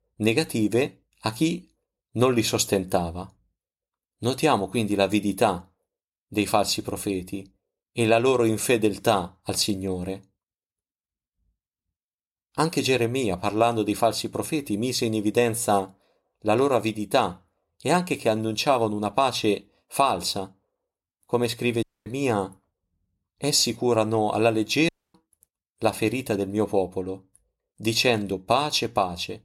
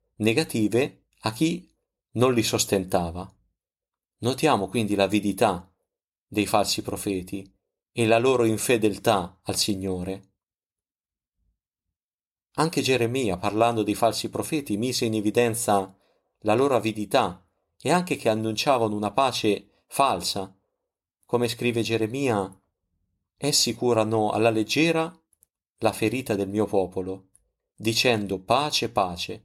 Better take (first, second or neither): second